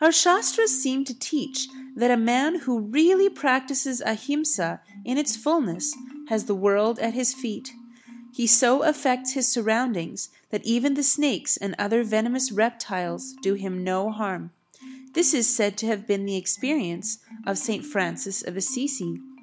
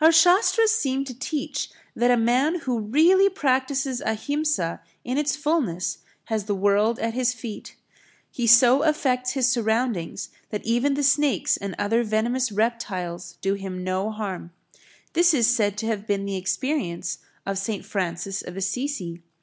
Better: second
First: background sound (Marimba, xylophone); 20 dB below the speech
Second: none

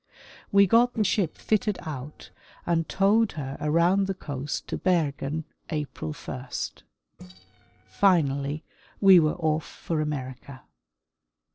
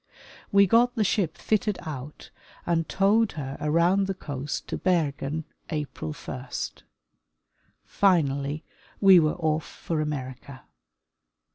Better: second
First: noise reduction (neural separator model SepFormer DNS4)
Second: none

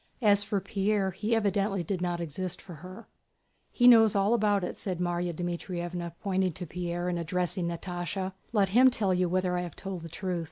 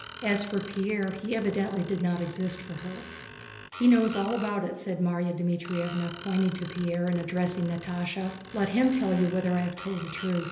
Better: first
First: none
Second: background sound (Screech); 16 dB below the speech // room echo; dies away in 1.4 s

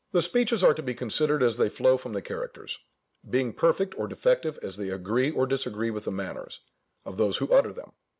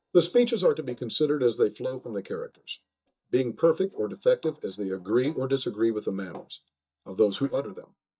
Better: first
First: none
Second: noise reduction (neural mask model DeepFilterNet 3)

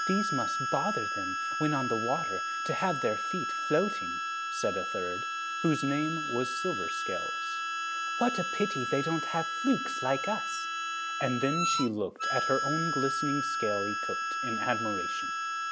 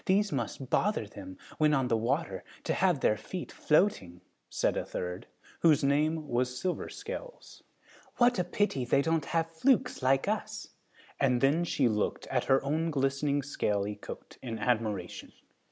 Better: second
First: background sound (Harmonica); as loud as the speech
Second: none

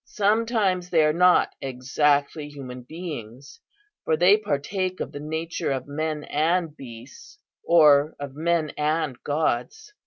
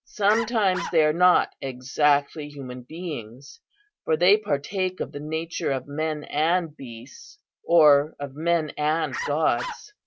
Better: first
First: none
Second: background sound (Bark); 11 dB below the speech

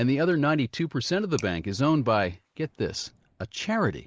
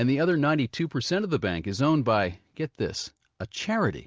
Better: second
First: noise reduction (neural mask model Resemble Enhance denoiser)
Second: none

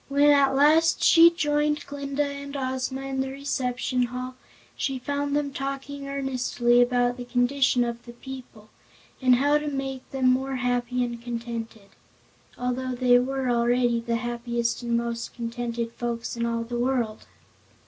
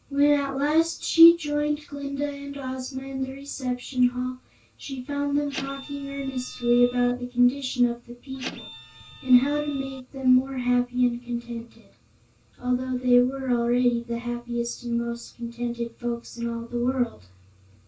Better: first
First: none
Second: background sound (Printer); 15 dB below the speech // room echo; dies away in 0.2 s

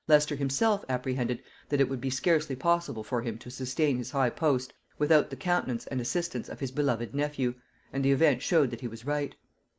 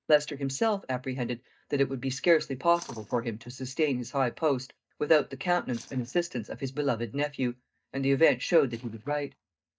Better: first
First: none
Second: noise reduction (neural mask model DeepFilterNet 3)

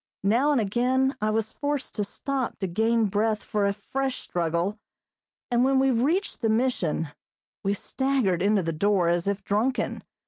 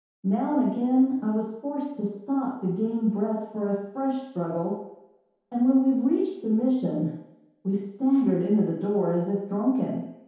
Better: first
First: none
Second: room echo; dies away in 0.8 s

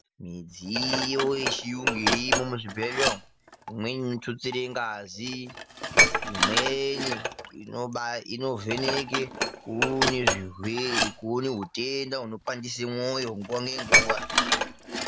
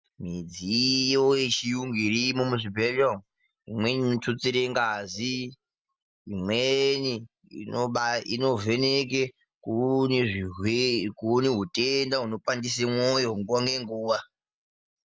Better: second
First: background sound (Dishes, pots, and pans); 2 dB above the speech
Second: none

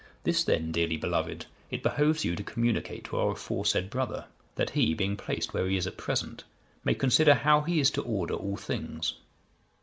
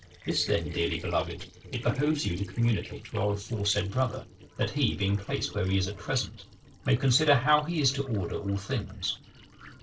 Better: first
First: none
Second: noise reduction (neural separator model SepFormer DNS4)

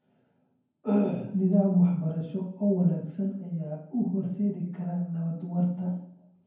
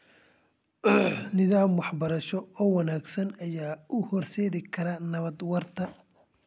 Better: second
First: room echo; dies away in 0.9 s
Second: none

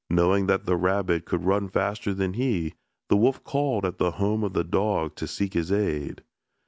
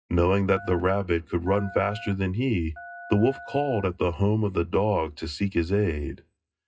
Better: first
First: none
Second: noise reduction (classical method WPE with log-MMSE)

